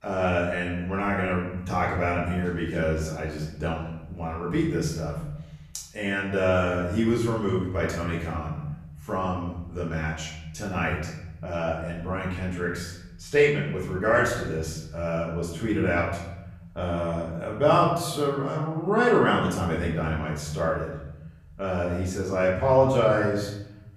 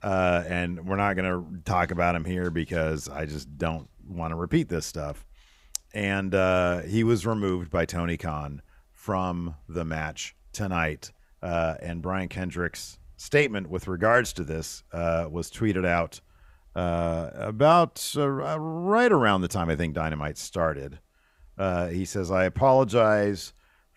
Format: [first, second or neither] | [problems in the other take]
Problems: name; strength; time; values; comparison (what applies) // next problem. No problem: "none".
second | room echo; noticeable; dies away in 1 s // off-mic speech; far